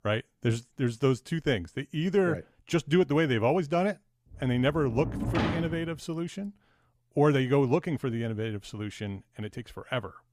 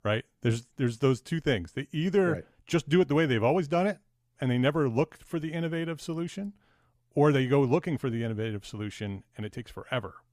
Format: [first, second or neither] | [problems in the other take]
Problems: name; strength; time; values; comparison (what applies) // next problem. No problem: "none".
second | door banging; noticeable; from 4.5 to 6 s; peak level with the speech